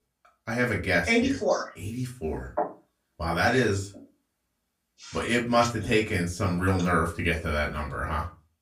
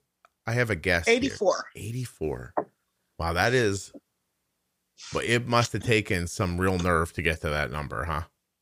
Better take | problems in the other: second | off-mic speech; far // room echo; very slight; dies away in 0.2 s

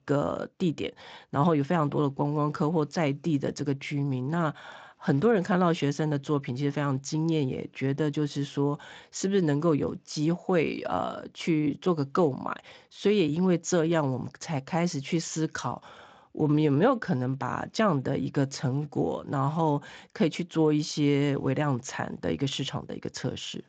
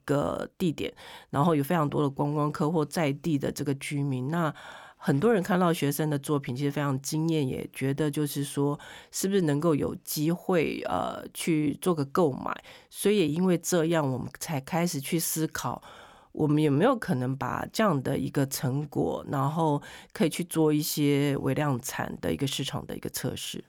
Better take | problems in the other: second | garbled, watery; slightly; nothing above 7.5 kHz

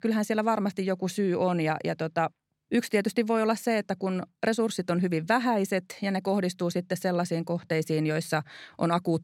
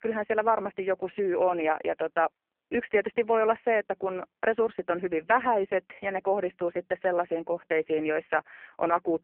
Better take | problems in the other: first | phone-call audio; poor line

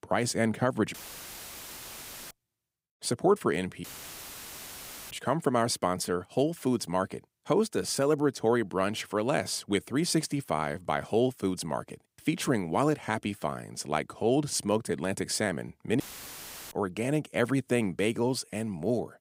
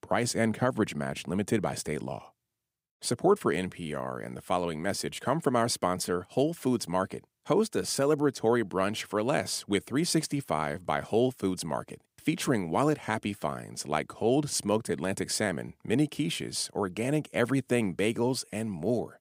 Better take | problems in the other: second | audio cutting out; filled with static; at 1 s for 1.5 s, at 4 s for 1.5 s and at 16 s for 0.5 s

